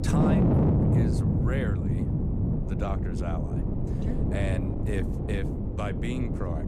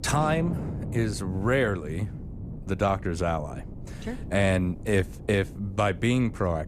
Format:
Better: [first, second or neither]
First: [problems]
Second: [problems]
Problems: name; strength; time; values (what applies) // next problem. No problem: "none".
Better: second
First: wind noise on the microphone; heavy; 2 dB above the speech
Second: wind noise on the microphone; occasional gusts; 20 dB below the speech